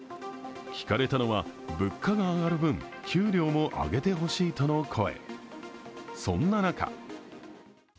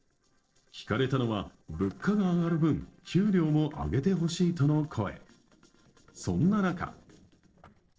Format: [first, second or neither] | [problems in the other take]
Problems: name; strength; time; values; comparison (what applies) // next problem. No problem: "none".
first | noise reduction (neural separator model SepFormer DNS4)